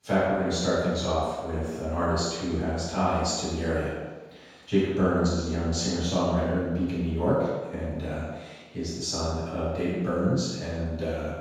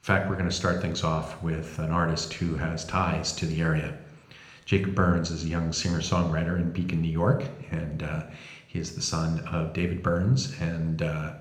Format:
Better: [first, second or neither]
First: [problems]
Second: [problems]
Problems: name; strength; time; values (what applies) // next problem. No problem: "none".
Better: second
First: room echo; strong; dies away in 1.2 s // off-mic speech; far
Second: room echo; slight; dies away in 0.8 s